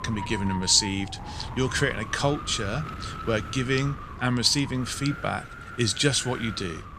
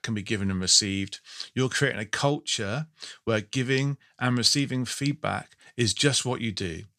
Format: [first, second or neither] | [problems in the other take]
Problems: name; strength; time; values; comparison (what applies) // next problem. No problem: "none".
second | wind noise on the microphone; occasional gusts; 10 dB below the speech